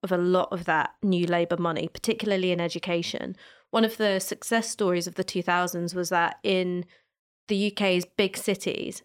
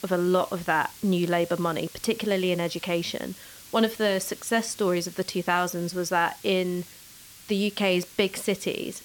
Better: first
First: none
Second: hiss; noticeable; throughout; 20 dB below the speech

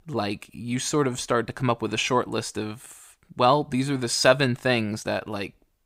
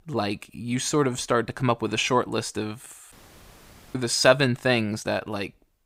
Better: first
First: none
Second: audio cutting out; at 3 s for 1 s

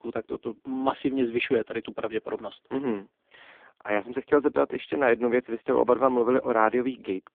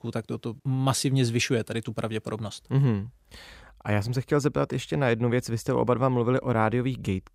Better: second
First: phone-call audio; poor line; nothing above 3.5 kHz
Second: none

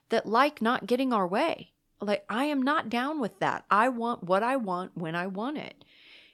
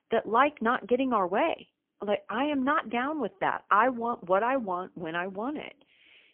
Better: first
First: none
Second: phone-call audio; poor line; nothing above 3.5 kHz

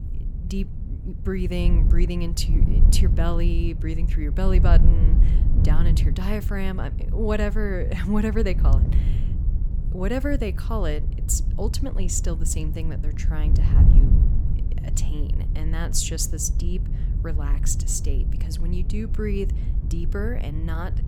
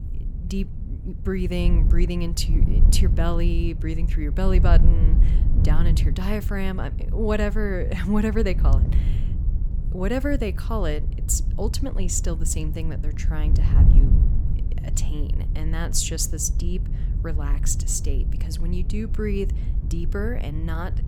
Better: second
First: wind noise on the microphone; heavy; 9 dB below the speech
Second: wind noise on the microphone; occasional gusts; 10 dB below the speech

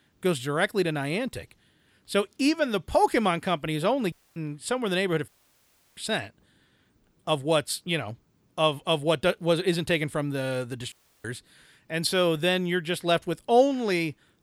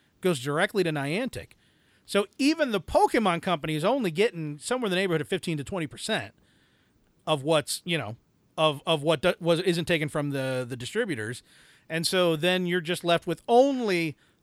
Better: second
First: audio cutting out; at 4 s, at 5.5 s for 0.5 s and at 11 s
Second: none

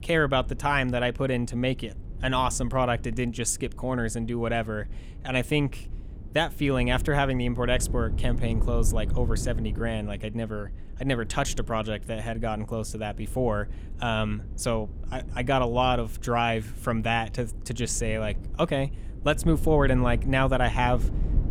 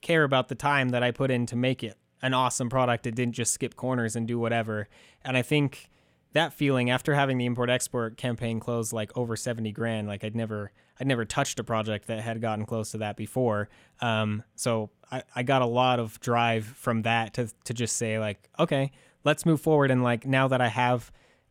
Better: second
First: low rumble; faint; throughout; 20 dB below the speech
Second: none

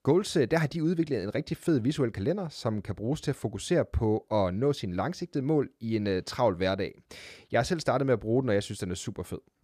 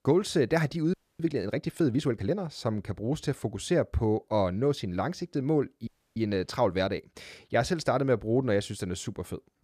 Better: first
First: none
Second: audio freezing; at 1 s and at 6 s

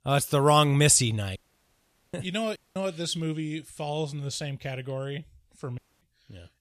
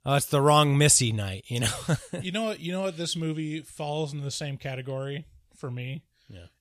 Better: second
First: audio cutting out; at 1.5 s for 1 s, at 2.5 s and at 6 s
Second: none

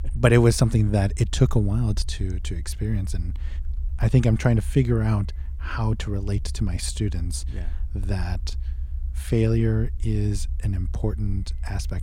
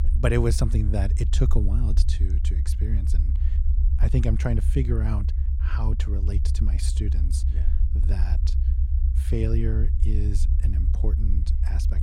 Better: first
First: low rumble; faint; throughout; 25 dB below the speech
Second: low rumble; loud; throughout; 9 dB below the speech

